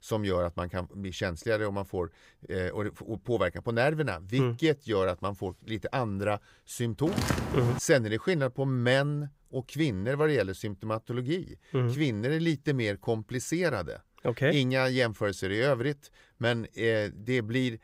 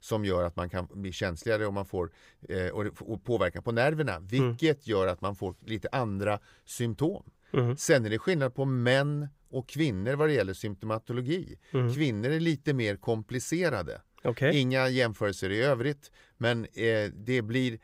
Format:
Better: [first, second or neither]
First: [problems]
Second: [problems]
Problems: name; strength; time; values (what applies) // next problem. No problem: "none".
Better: second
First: footsteps; noticeable; at 7 s; peak level with the speech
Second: none